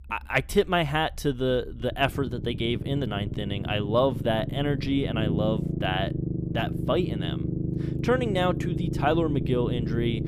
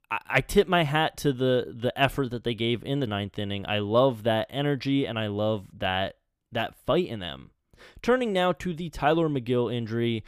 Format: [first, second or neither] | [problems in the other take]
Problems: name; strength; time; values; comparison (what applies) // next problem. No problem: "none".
second | low rumble; loud; throughout; 10 dB below the speech